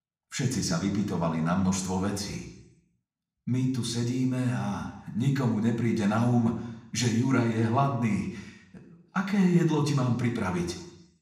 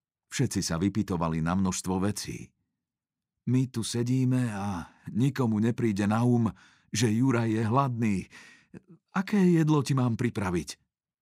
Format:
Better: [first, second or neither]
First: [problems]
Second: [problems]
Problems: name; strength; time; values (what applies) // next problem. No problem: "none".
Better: second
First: room echo; slight; dies away in 0.8 s // off-mic speech; somewhat distant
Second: none